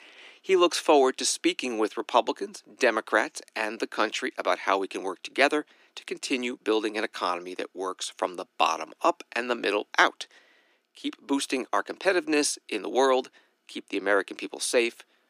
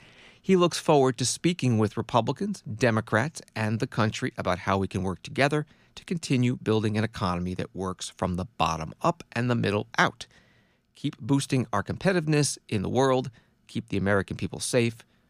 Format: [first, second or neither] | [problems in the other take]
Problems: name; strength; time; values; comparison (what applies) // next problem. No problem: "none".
second | thin; somewhat; fading below 300 Hz